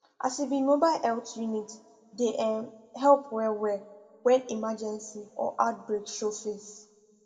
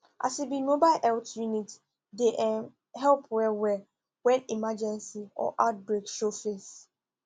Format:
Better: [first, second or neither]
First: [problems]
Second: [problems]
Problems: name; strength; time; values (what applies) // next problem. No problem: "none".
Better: second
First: room echo; dies away in 1.1 s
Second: none